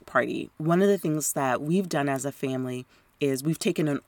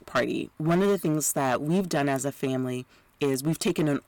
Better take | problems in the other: first | distortion; slight; 7% of the sound clipped

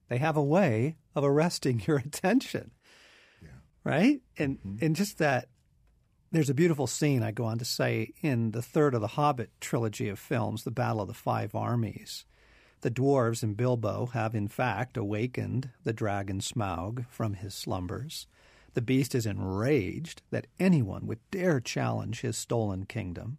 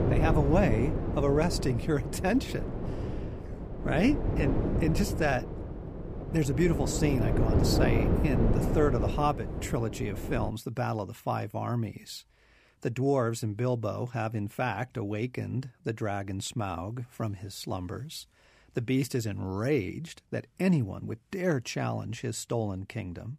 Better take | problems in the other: first | wind noise on the microphone; heavy; until 10 s; 4 dB below the speech

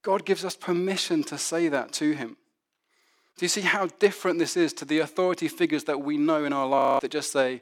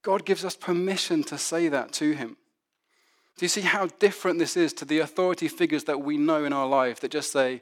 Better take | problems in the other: second | audio freezing; at 7 s

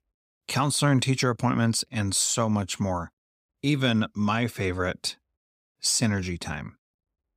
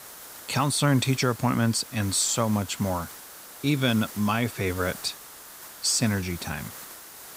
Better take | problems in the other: first | hiss; noticeable; throughout; 15 dB below the speech

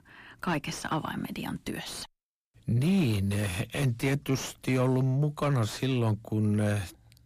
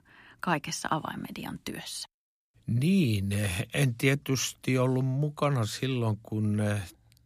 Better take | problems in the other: second | distortion; slight; 10 dB below the speech

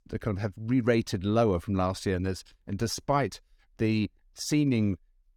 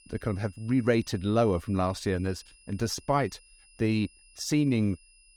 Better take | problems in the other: first | high-pitched whine; faint; throughout; 2.5 kHz, 25 dB below the speech

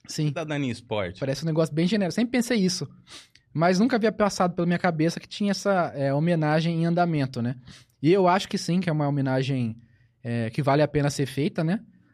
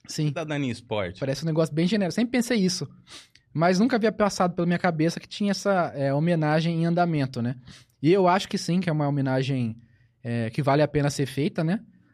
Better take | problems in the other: neither | none

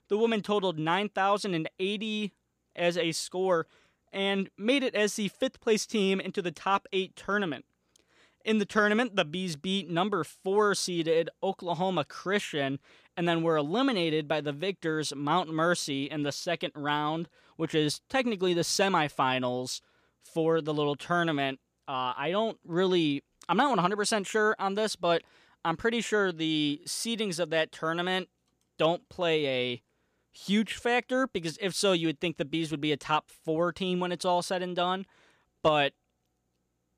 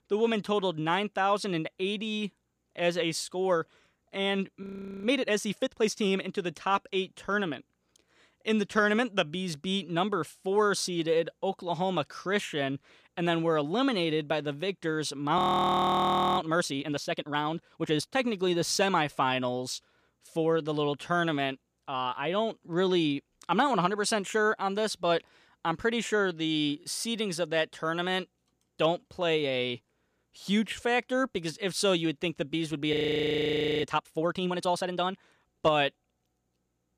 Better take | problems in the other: first | audio freezing; at 4.5 s, at 15 s for 1 s and at 33 s for 1 s

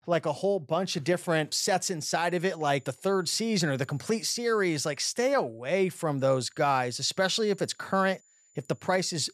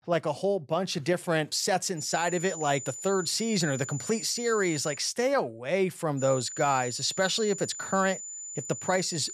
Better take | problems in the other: first | high-pitched whine; loud; from 2 to 5 s and from 6 s on; 7 kHz, 9 dB below the speech; faint in the first

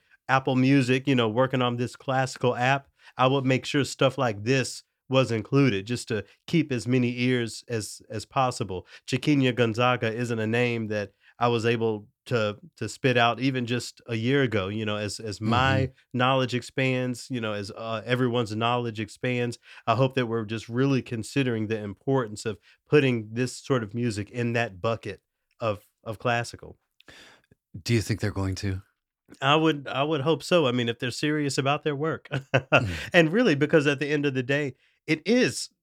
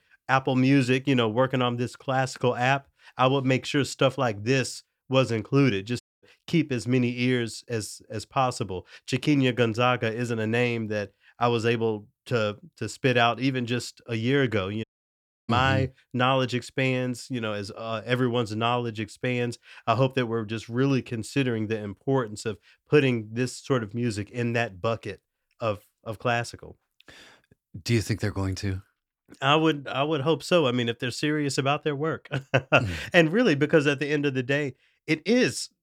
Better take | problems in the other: first | audio cutting out; at 6 s and at 15 s for 0.5 s

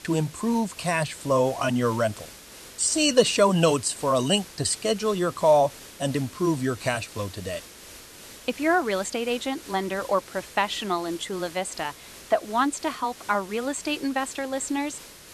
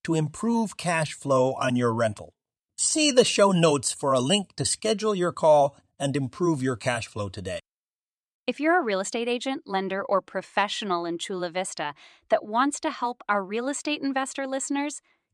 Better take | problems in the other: second | hiss; noticeable; throughout; 15 dB below the speech

